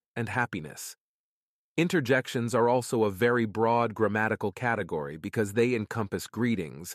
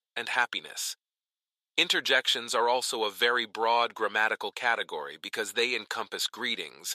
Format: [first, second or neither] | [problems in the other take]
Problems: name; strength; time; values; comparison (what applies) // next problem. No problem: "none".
first | thin; very; fading below 650 Hz